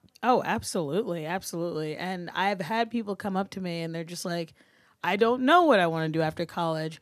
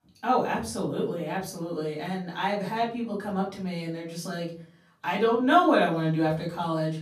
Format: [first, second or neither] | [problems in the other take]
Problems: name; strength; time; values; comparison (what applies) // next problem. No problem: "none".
first | off-mic speech; far // room echo; slight; dies away in 0.4 s